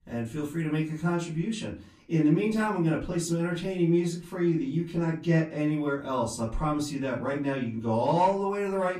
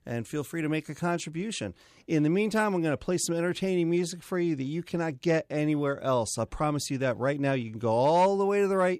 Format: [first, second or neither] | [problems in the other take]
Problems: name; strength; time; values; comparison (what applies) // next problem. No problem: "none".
second | off-mic speech; far // room echo; slight; dies away in 0.3 s